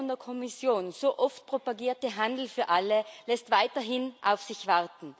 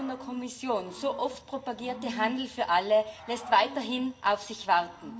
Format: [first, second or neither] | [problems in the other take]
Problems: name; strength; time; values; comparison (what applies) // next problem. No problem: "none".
first | background sound (Cricket / Growling); 16 dB below the speech // room echo; dies away in 0.4 s